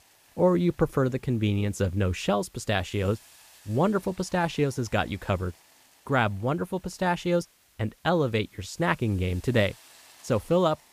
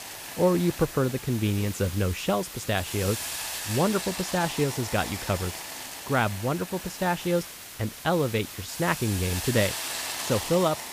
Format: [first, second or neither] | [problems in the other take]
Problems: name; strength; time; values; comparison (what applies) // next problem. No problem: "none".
first | hiss; loud; throughout; 6 dB below the speech; faint in the first